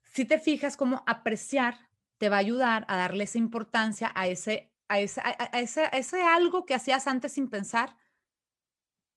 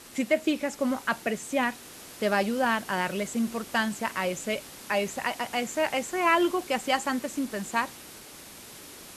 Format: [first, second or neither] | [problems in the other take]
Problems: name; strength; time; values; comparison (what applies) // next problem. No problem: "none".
first | hiss; noticeable; throughout; 15 dB below the speech